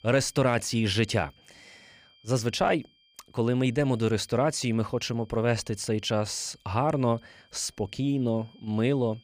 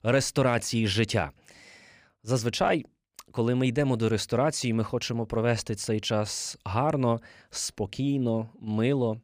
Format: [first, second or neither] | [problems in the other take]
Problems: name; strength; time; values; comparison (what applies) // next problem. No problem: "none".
second | high-pitched whine; faint; throughout; 3 kHz, 30 dB below the speech